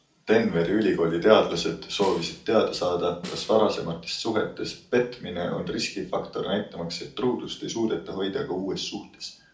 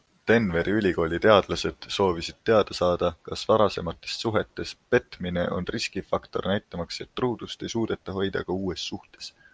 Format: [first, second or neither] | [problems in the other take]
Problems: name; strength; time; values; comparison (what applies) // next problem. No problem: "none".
second | background sound (Snare drum); 17 dB below the speech // room echo; dies away in 0.4 s